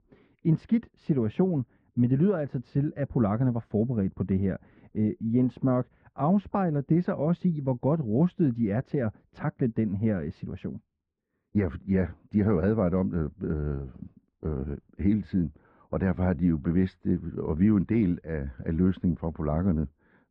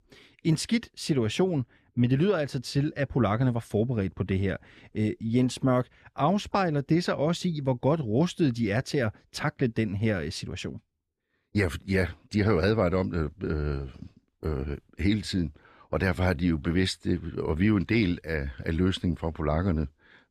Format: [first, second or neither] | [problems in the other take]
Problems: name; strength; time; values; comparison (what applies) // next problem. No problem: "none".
second | muffled; very; fading above 1 kHz